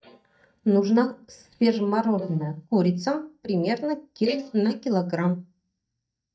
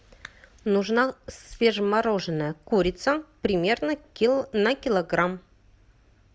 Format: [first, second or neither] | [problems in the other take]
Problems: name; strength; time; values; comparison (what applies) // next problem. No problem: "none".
second | noise reduction (neural mask model DeepFilterNet 3)